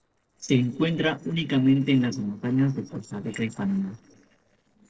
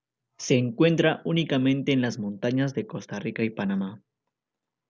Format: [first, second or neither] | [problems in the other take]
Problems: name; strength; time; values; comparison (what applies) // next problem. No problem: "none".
second | noise reduction (neural separator model SepFormer DNS4)